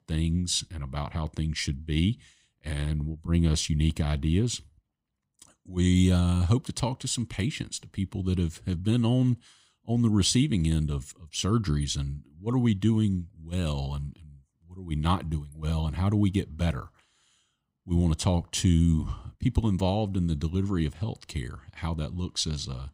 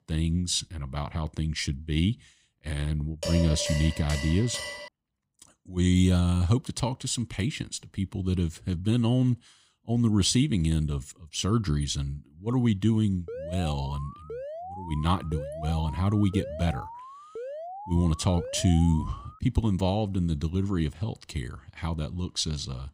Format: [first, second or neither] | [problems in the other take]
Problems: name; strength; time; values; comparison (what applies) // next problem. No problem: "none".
first | clattering dishes; noticeable; from 3 to 5 s; peak 5 dB below the speech // alarm; noticeable; from 13 to 19 s; peak 10 dB below the speech